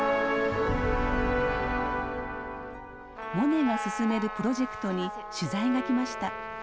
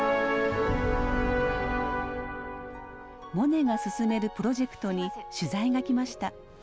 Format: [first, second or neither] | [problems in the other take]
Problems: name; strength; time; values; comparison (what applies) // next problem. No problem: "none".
second | background sound (Trumpet); 10 dB below the speech